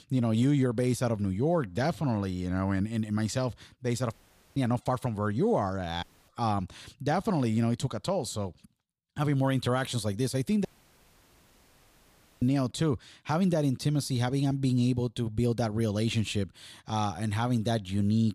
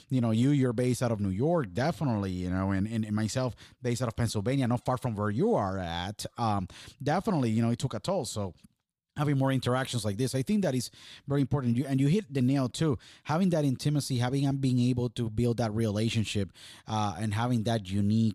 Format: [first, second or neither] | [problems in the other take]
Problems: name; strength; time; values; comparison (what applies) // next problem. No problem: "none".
second | audio cutting out; at 4 s, at 6 s and at 11 s for 2 s